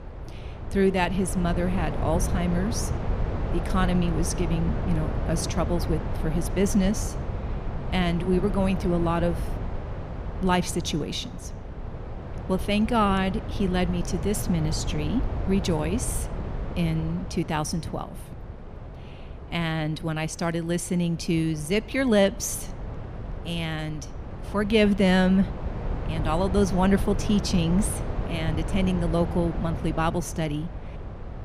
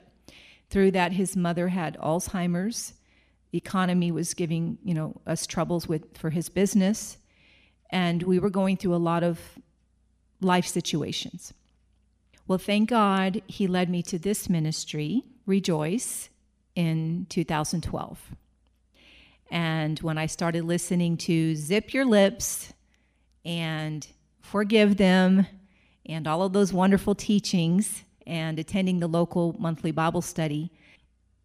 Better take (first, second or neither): second